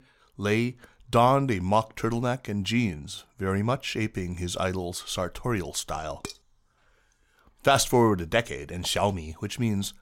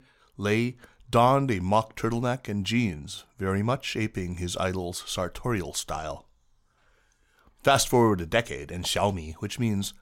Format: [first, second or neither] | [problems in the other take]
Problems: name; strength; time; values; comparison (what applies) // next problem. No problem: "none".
second | clattering dishes; faint; at 6 s; peak 15 dB below the speech